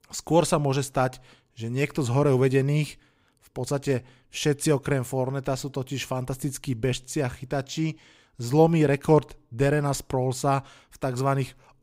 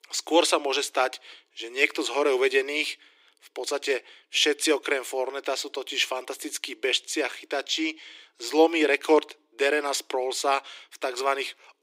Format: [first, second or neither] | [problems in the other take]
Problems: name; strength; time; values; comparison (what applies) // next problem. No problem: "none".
first | thin; very; fading below 300 Hz